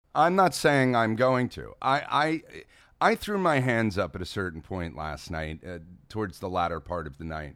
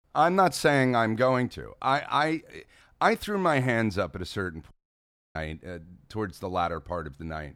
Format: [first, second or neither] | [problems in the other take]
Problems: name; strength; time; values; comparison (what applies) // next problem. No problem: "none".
first | audio cutting out; at 4.5 s for 0.5 s